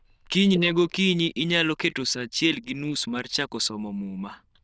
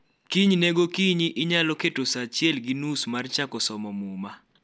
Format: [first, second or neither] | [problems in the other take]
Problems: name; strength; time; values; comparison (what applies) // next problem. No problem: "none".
second | noise reduction (neural diffusion model UNIVERSE++)